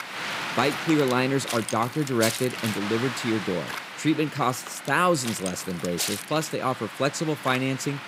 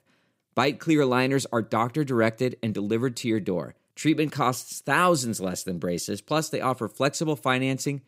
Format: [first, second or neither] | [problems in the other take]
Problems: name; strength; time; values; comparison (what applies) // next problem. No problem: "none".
second | wind noise on the microphone; heavy; 5 dB below the speech